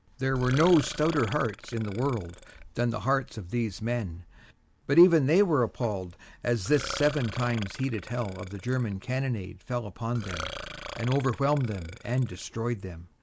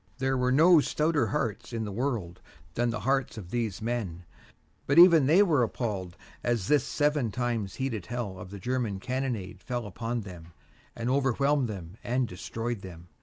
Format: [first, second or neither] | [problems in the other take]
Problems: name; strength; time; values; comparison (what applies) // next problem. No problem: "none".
second | background sound (Burping, eructation); 13 dB below the speech